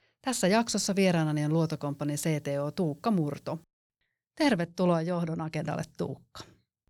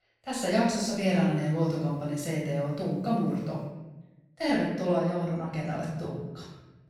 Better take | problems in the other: first | off-mic speech; far // room echo; noticeable; dies away in 1 s

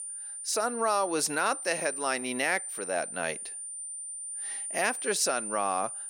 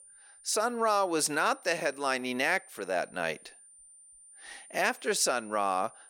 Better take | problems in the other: second | high-pitched whine; loud; throughout; 9 kHz, 5 dB below the speech; faint in the second

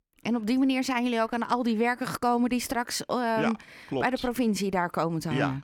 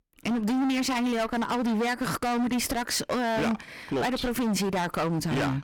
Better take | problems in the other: first | distortion; heavy; 29% of the sound clipped

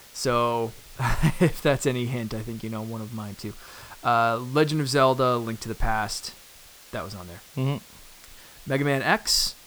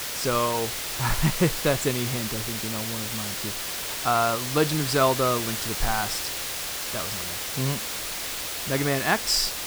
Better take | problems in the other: first | hiss; loud; throughout; 2 dB below the speech; faint in the first

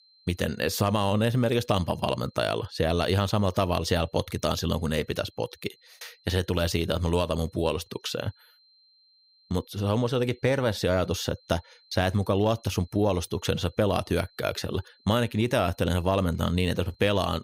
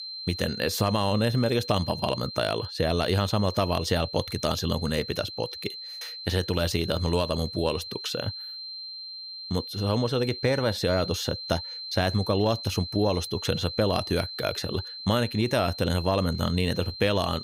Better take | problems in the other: first | high-pitched whine; loud; throughout; 4 kHz, 9 dB below the speech; faint in the first

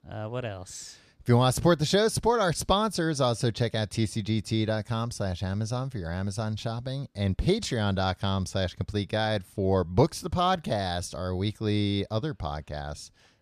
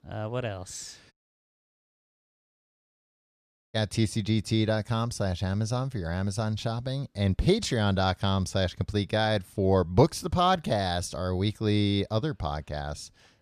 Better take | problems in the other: first | audio cutting out; at 1 s for 2.5 s

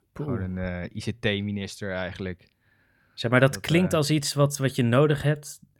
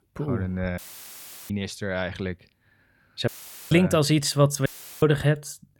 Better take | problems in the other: first | audio cutting out; filled with static; at 1 s for 0.5 s, at 3.5 s and at 4.5 s

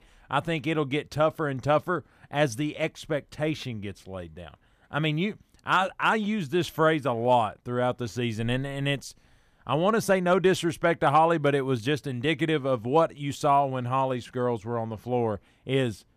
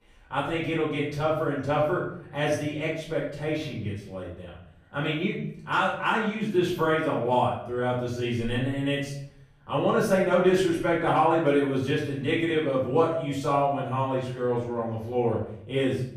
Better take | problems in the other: first | off-mic speech; far // room echo; noticeable; dies away in 0.6 s

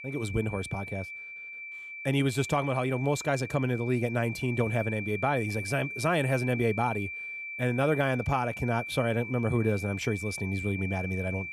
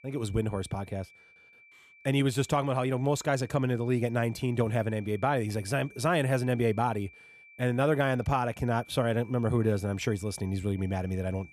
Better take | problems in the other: second | high-pitched whine; loud; throughout; 2.5 kHz, 8 dB below the speech; faint in the second

